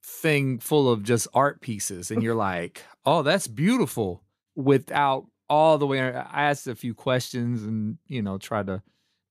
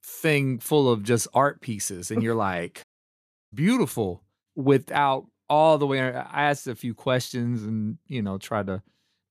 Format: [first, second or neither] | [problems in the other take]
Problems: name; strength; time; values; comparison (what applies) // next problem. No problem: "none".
first | audio cutting out; at 3 s for 0.5 s